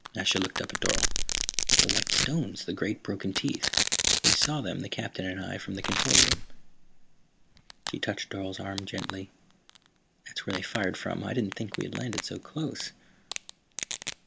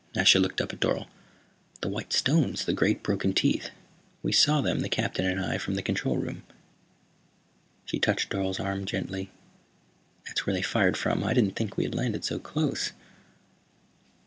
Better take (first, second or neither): second